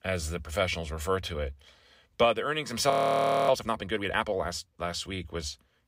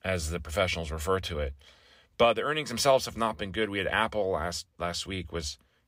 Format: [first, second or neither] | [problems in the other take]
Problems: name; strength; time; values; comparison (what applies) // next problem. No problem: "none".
second | audio freezing; at 3 s for 0.5 s